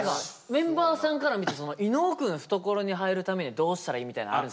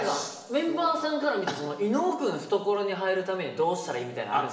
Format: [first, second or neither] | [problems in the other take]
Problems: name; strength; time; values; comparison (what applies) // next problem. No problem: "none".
first | room echo; dies away in 1.2 s